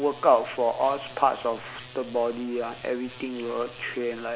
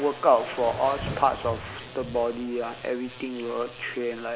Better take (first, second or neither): first